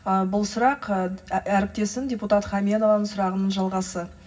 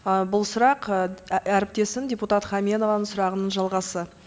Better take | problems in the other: second | room echo; dies away in 0.4 s

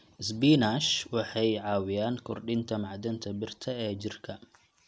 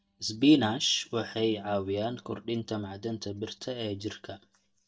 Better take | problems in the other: first | noise reduction (neural mask model DeepFilterNet 3)

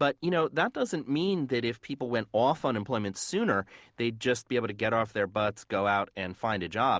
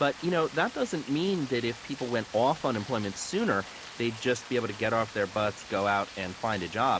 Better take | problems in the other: first | background sound (Rain); 16 dB below the speech

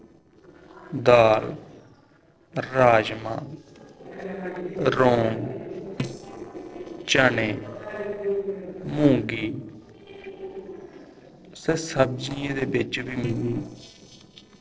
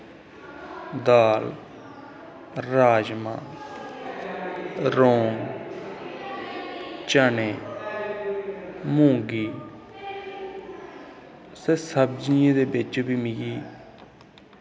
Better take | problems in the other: second | noise reduction (neural separator model SepFormer DNS4)

